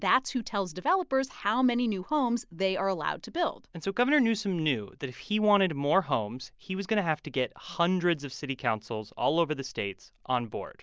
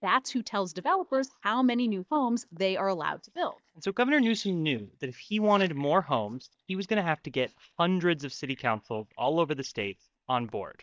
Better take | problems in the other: first | noise reduction (neural mask model DeepFilterNet 3)

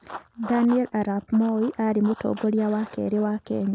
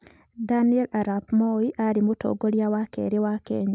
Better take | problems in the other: second | background sound (Run); 18 dB below the speech

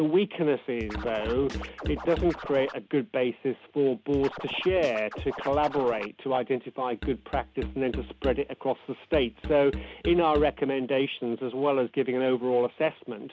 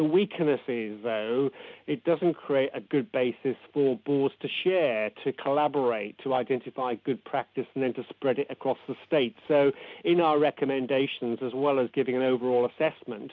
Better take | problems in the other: second | background sound (Musical instrument + Scratching (performance technique)); 11 dB below the speech

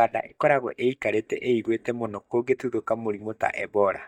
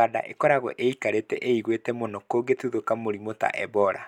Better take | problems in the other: second | noise reduction (neural mask model DeepFilterNet 3)

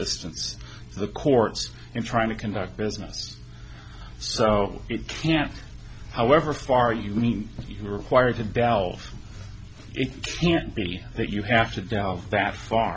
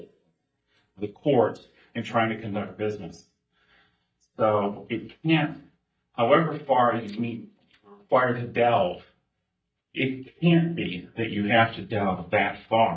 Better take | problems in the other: first | noise reduction (neural mask model DeepFilterNet 3)

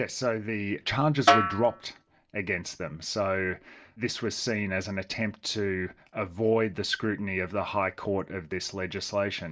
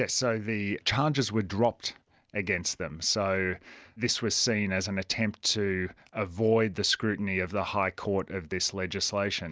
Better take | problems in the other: second | background sound (Snare drum); 2 dB above the speech // room echo; dies away in 0.2 s

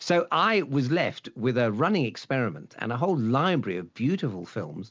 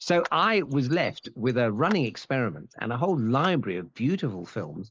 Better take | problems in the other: first | noise reduction (neural mask model Resemble Enhance denoiser)

